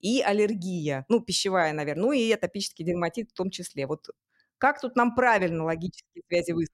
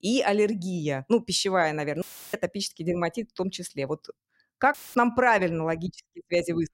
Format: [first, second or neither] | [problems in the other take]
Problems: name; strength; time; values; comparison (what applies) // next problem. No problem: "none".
first | audio cutting out; filled with static; at 2 s and at 4.5 s